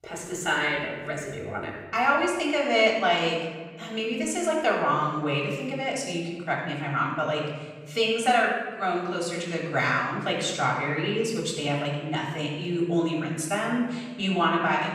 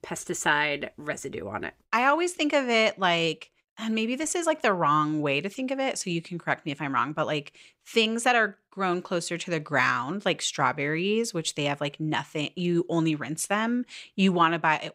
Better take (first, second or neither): second